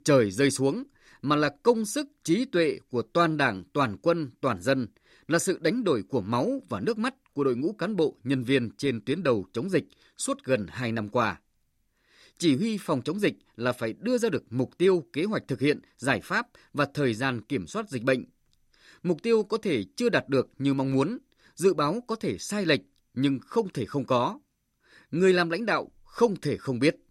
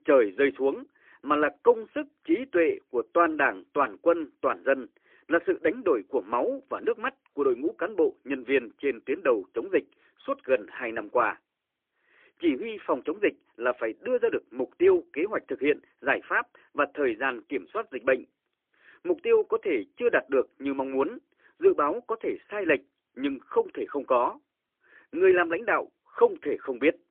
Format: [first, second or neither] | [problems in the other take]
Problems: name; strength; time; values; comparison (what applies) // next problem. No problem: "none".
first | phone-call audio; poor line